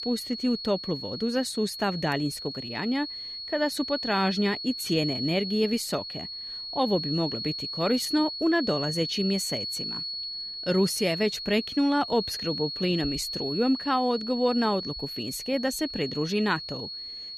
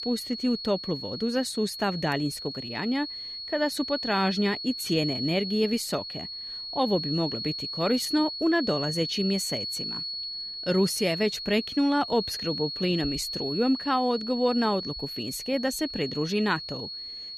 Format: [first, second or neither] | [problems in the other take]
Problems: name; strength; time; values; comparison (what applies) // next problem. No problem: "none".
neither | high-pitched whine; loud; throughout; 4.5 kHz, 5 dB below the speech; the same in both